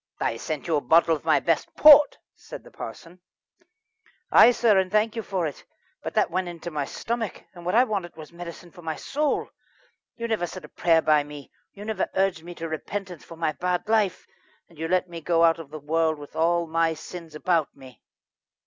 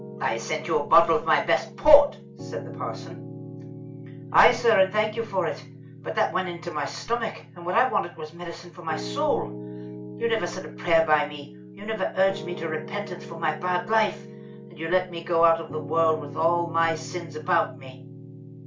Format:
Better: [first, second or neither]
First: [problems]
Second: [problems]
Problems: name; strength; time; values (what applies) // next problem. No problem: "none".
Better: first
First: none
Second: background sound (Piano); 13 dB below the speech // room echo; dies away in 0.2 s